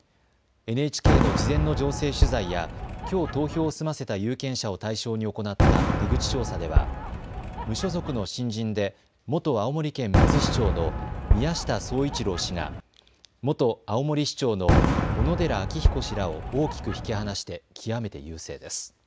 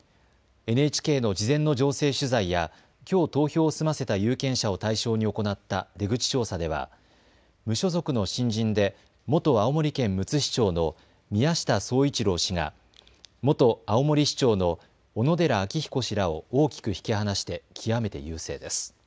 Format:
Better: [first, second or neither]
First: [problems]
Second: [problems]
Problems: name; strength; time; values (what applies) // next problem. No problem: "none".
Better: second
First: background sound (Fireworks); 2 dB above the speech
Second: none